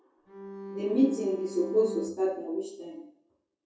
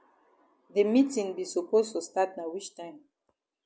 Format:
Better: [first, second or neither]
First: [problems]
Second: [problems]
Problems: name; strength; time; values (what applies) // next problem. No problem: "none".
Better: second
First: background sound (Bowed string instrument); 11 dB below the speech // room echo; dies away in 0.6 s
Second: none